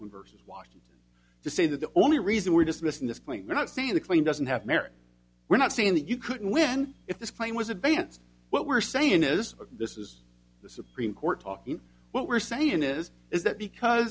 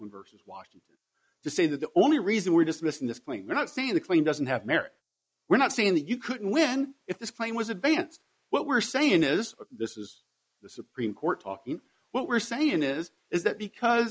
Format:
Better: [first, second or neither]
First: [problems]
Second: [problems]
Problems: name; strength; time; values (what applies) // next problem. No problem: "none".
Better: first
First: none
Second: noise reduction (neural mask model Resemble Enhance denoiser)